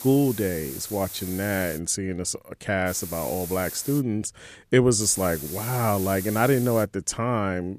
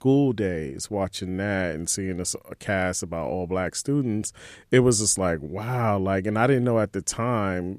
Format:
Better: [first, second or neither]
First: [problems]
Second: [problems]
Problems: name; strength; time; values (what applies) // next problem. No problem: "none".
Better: second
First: hiss; loud; until 2 s, from 3 to 4 s and from 5 to 7 s; 10 dB below the speech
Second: none